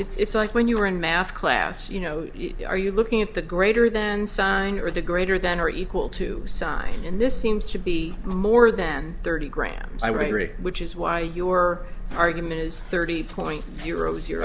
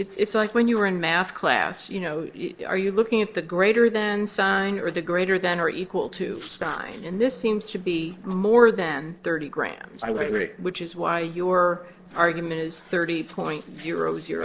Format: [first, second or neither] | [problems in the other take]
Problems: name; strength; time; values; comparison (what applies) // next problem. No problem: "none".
first | noise reduction (neural separator model SepFormer DNS4)